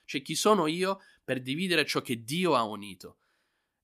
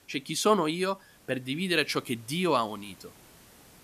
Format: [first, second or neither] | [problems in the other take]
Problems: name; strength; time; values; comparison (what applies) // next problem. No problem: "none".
first | hiss; faint; throughout; 25 dB below the speech